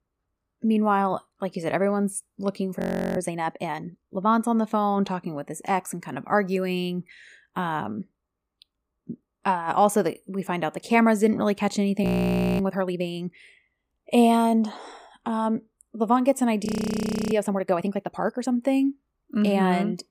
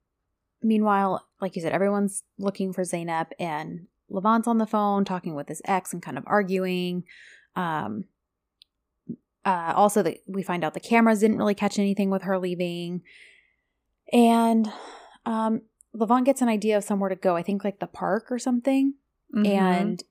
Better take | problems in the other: second | audio freezing; at 3 s, at 12 s for 0.5 s and at 17 s for 0.5 s

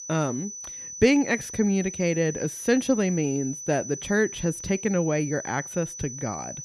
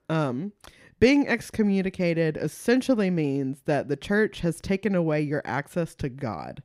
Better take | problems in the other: second | high-pitched whine; loud; throughout; 6 kHz, 10 dB below the speech

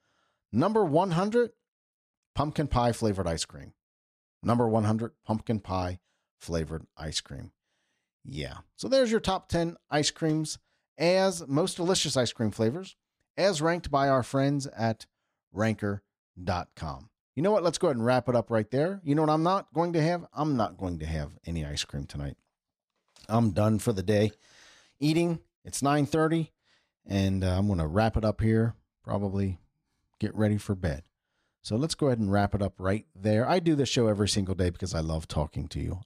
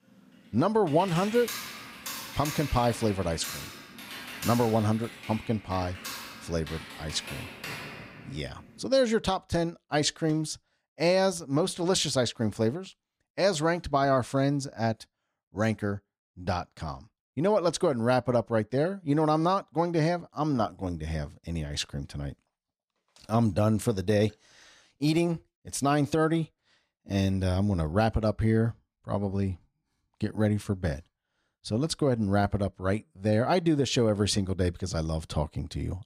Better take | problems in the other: first | keyboard typing; noticeable; until 9 s; peak 7 dB below the speech

